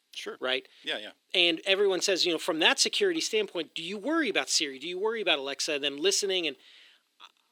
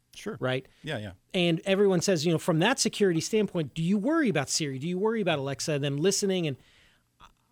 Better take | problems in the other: second | thin; somewhat; fading below 300 Hz

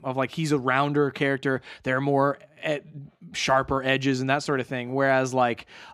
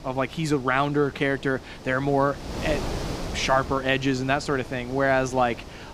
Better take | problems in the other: first | wind noise on the microphone; occasional gusts; 15 dB below the speech

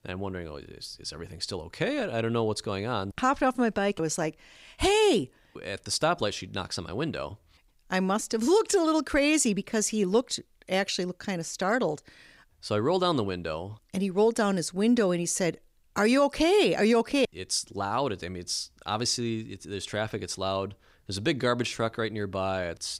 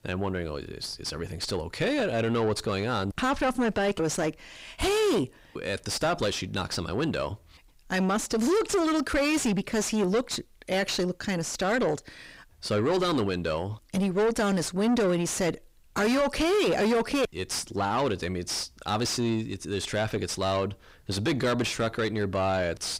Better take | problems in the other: first | distortion; heavy; 6 dB below the speech

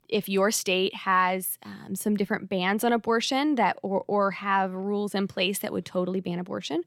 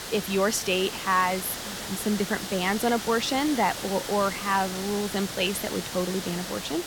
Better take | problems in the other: first | hiss; loud; throughout; 7 dB below the speech

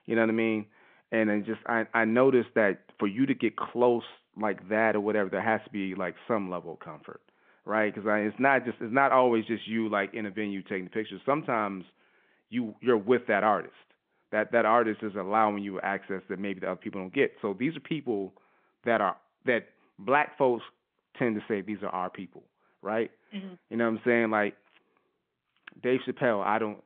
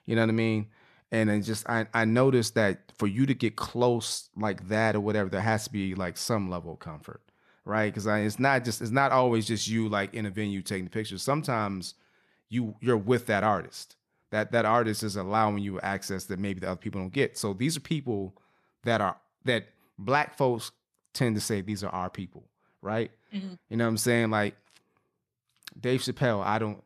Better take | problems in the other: second | phone-call audio

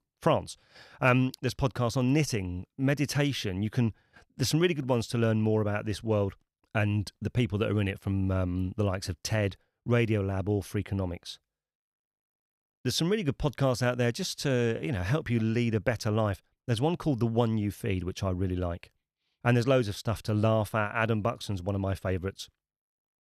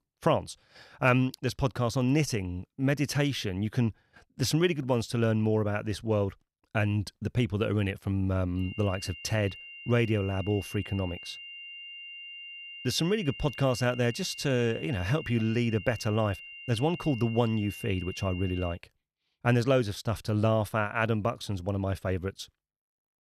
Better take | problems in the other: first | high-pitched whine; noticeable; from 8.5 to 19 s; 3 kHz, 15 dB below the speech

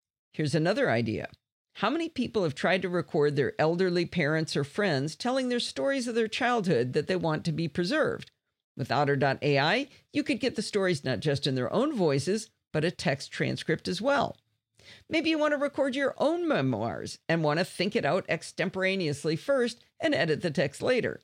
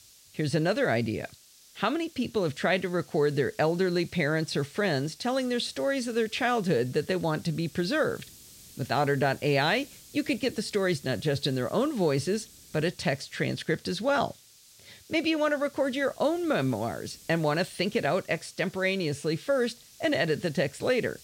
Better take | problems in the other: first | hiss; faint; throughout; 20 dB below the speech

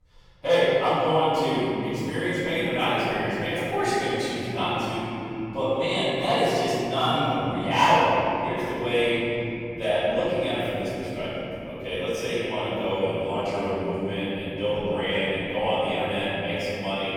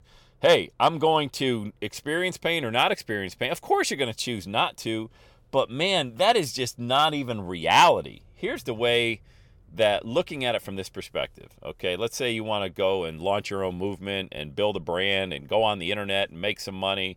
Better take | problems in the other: second | room echo; strong; dies away in 3 s // off-mic speech; far

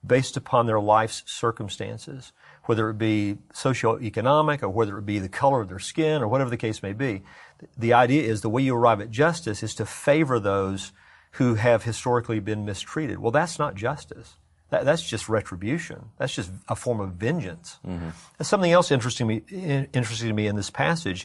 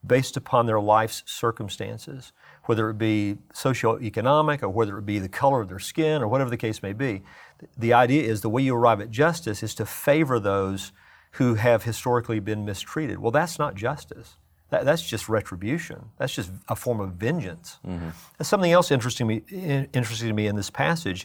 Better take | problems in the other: second | garbled, watery; slightly; nothing above 11 kHz

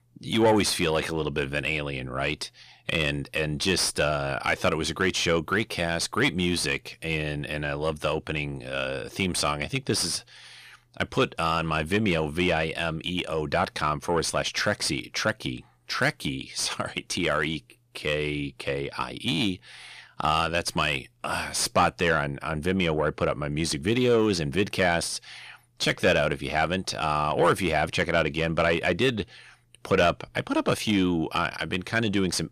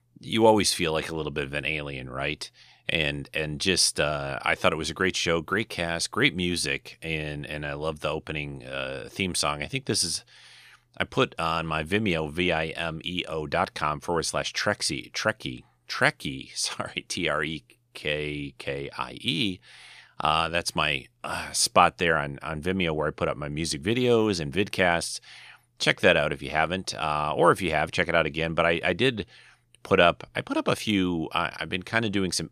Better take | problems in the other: second | distortion; slight; 10 dB below the speech

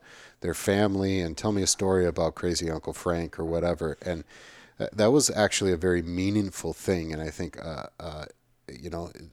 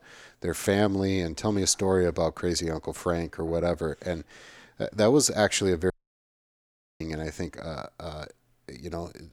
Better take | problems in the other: first | audio cutting out; at 6 s for 1 s

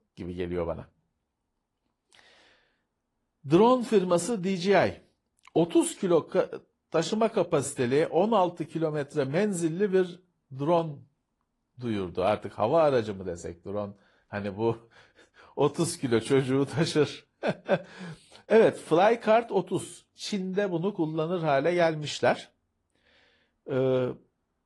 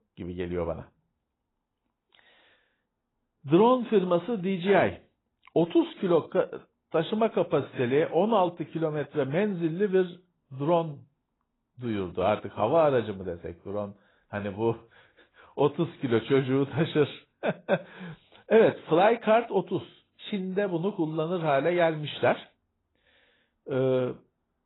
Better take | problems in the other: first | garbled, watery; badly; nothing above 4 kHz; slightly in the first

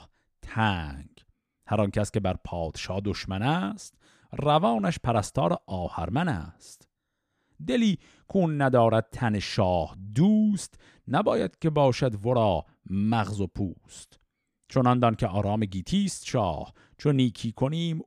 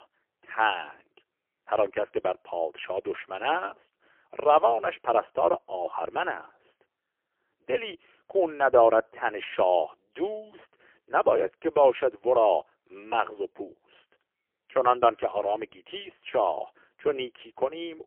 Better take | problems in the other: first | phone-call audio; poor line; nothing above 3 kHz

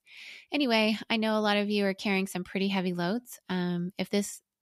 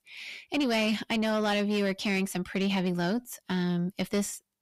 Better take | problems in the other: first | distortion; slight; 9 dB below the speech

